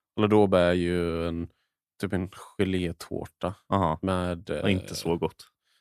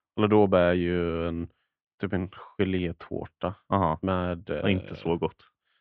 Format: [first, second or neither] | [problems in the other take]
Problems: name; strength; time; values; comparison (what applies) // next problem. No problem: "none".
first | muffled; very; fading above 3 kHz